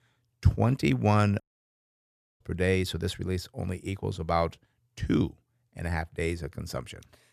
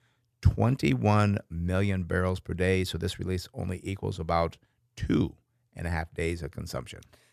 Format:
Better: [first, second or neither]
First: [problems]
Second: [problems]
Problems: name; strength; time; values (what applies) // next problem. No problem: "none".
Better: second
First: audio cutting out; at 1.5 s for 1 s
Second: none